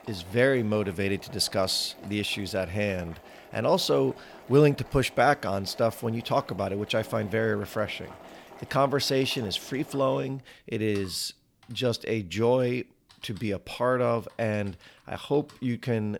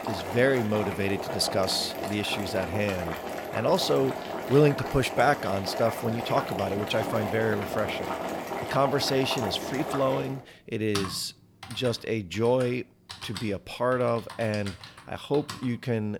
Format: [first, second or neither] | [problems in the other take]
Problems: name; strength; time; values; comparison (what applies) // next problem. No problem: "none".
first | household noises; loud; throughout; 7 dB below the speech; faint in the first